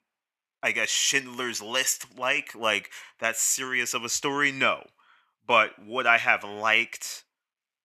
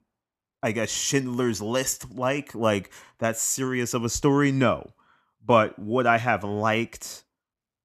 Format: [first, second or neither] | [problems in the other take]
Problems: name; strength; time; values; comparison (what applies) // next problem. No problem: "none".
second | thin; somewhat; fading below 1 kHz